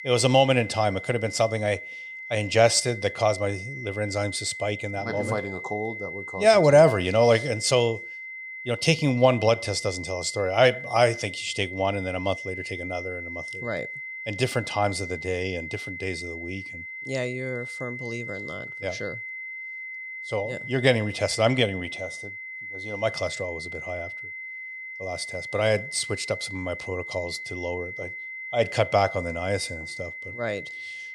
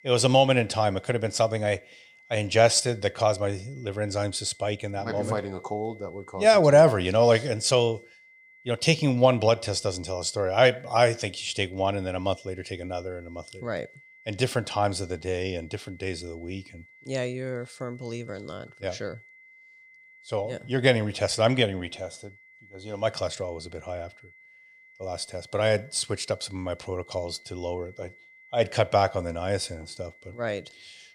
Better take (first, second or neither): second